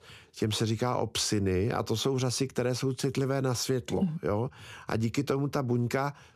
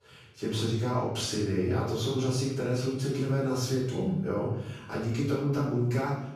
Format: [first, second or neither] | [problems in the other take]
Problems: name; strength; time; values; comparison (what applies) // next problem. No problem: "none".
first | off-mic speech; far // room echo; noticeable; dies away in 0.8 s